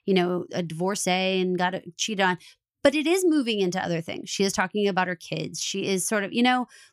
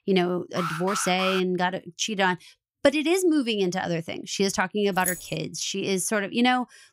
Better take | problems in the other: first | alarm; noticeable; at 0.5 s; peak 5 dB below the speech // jangling keys; noticeable; at 5 s; peak 5 dB below the speech

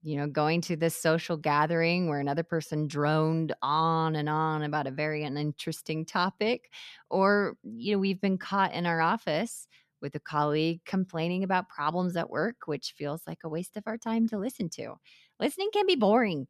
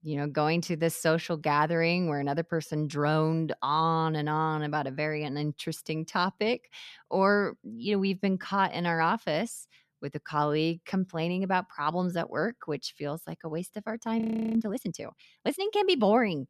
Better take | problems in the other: first | audio freezing; at 14 s

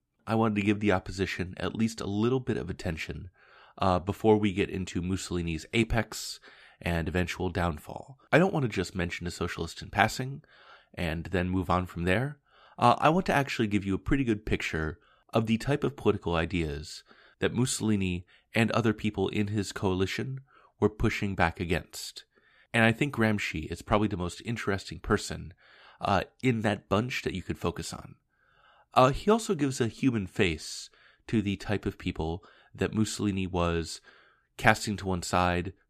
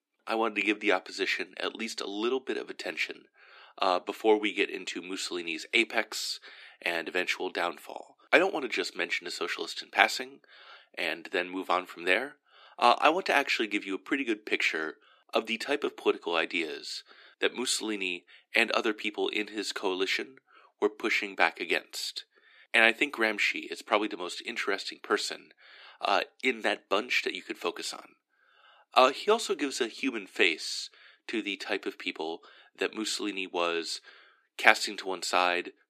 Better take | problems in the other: first | thin; somewhat; fading below 300 Hz

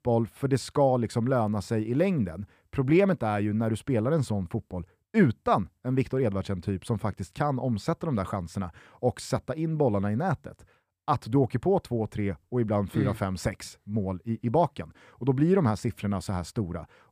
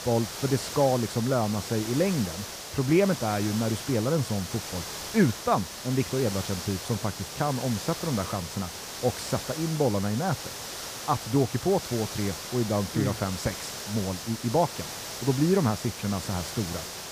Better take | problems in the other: first | hiss; loud; throughout; 7 dB below the speech

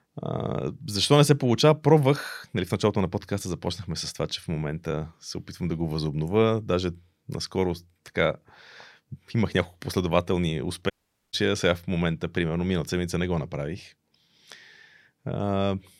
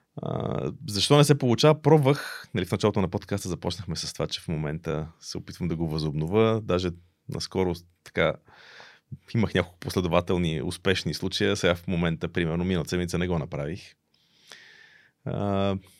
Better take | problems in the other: second | audio cutting out; at 11 s

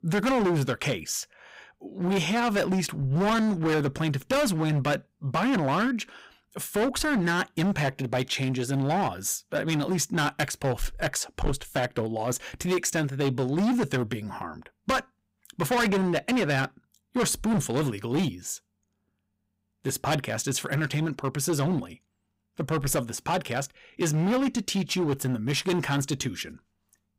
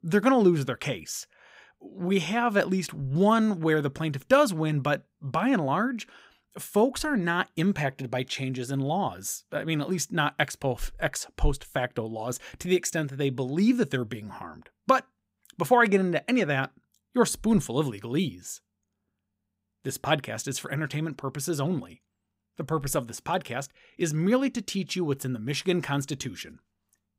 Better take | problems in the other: second | distortion; heavy; 14% of the sound clipped

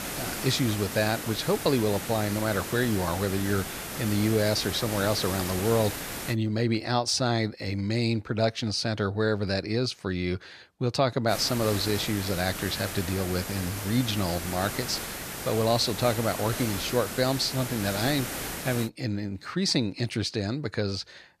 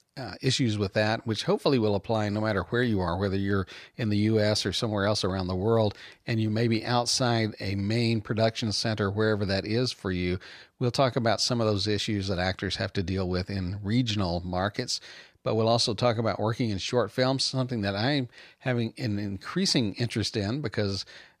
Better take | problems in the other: second | hiss; loud; until 6.5 s and from 11 to 19 s; 6 dB below the speech

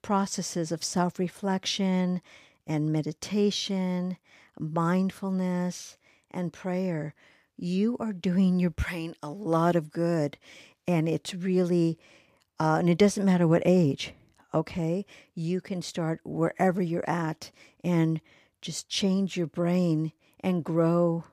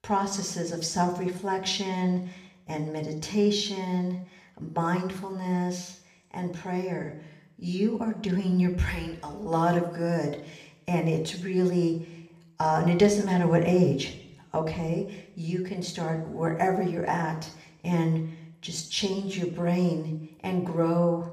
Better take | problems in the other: first | room echo; slight; dies away in 0.6 s

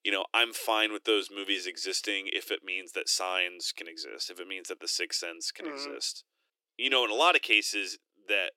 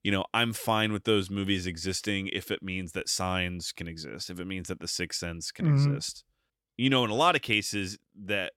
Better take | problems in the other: second | thin; very; fading below 300 Hz

